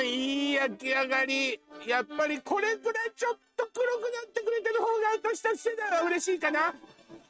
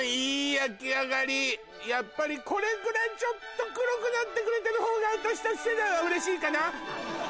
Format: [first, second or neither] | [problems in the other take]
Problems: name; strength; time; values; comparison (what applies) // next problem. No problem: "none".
second | noise reduction (neural mask model RNNoise)